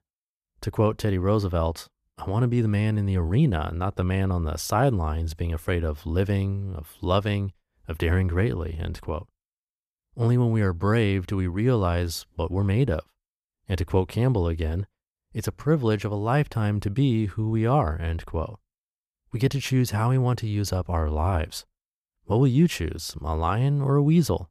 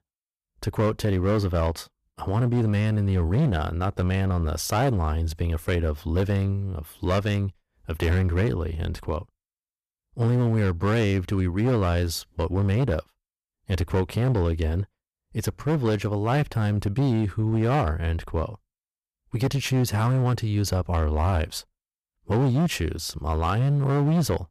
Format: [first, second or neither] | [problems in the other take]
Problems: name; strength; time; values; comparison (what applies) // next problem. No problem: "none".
first | distortion; slight; 11% of the sound clipped